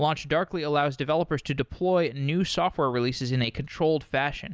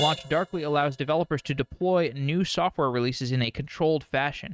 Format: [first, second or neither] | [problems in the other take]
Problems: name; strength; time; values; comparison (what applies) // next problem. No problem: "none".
first | noise reduction (neural mask model RNNoise)